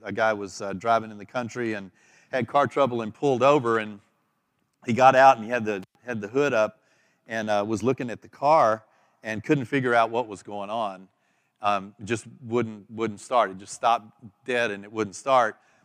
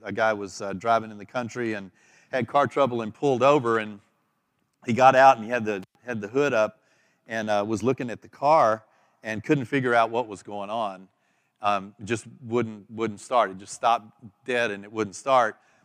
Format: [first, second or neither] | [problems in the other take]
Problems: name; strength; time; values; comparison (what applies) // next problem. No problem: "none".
neither | none